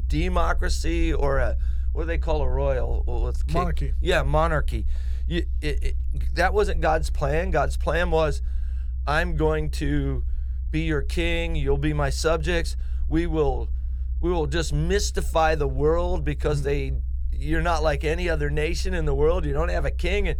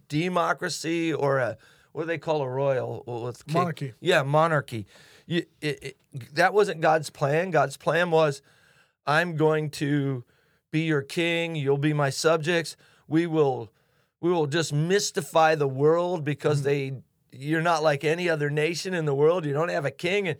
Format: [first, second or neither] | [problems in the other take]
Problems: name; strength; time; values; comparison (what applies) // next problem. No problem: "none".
second | low rumble; faint; throughout; 25 dB below the speech